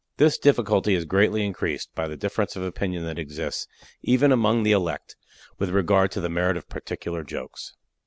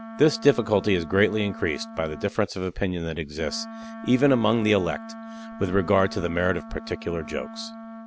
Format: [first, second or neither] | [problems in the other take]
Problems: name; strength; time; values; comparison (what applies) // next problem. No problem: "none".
first | background sound (Wind instrument, woodwind instrument); 14 dB below the speech